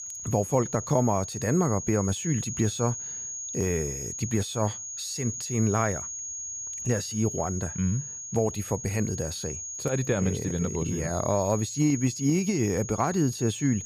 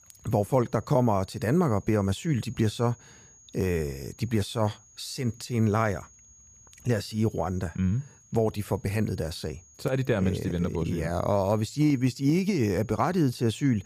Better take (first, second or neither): second